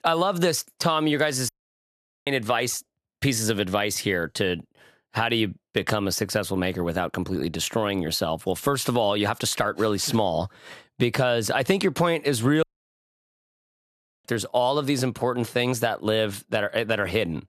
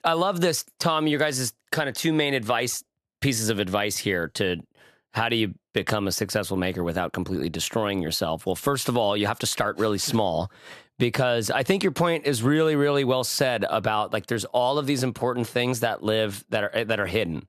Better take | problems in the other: second | audio cutting out; at 1.5 s for 1 s and at 13 s for 1.5 s

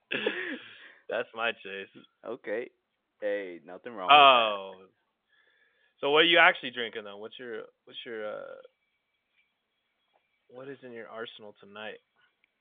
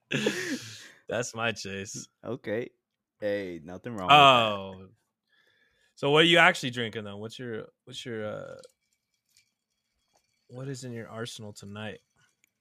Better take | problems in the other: second | phone-call audio; nothing above 3.5 kHz

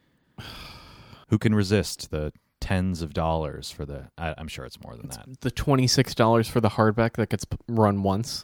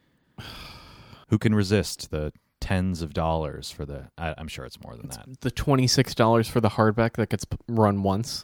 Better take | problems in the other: neither | none

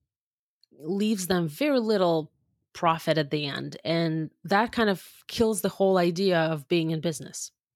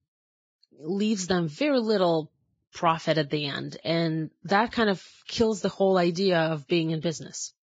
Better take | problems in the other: first | garbled, watery; badly; nothing above 7.5 kHz

